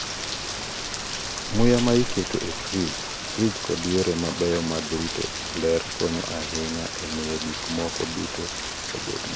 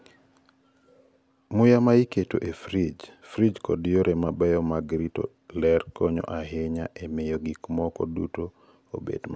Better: second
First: background sound (Rain); 3 dB below the speech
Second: none

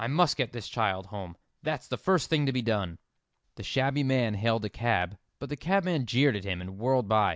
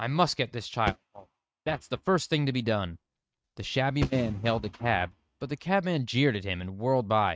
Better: first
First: none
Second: noise reduction (neural mask model RNNoise)

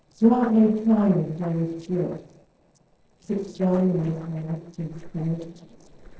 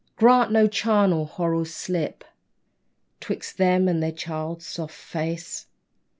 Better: second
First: noise reduction (neural separator model SepFormer DNS4)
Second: none

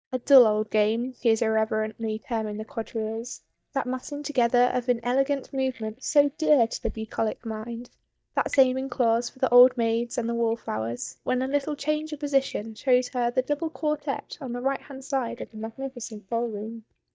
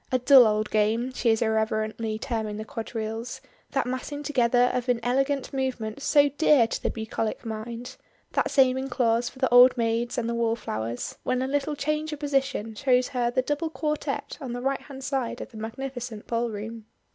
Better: second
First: noise reduction (neural mask model DeepFilterNet 3)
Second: none

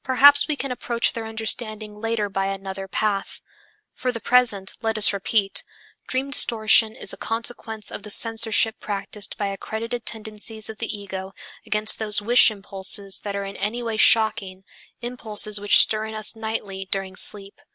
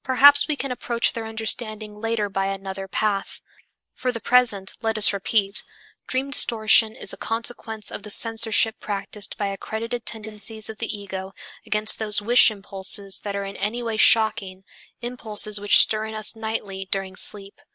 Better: first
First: none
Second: noise reduction (neural mask model Resemble Enhance denoiser)

